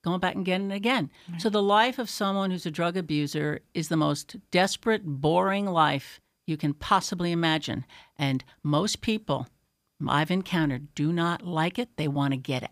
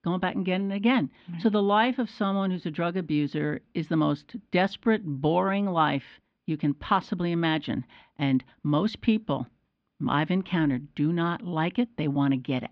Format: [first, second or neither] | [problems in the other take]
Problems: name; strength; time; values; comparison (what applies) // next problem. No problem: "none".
first | muffled; slightly; fading above 3.5 kHz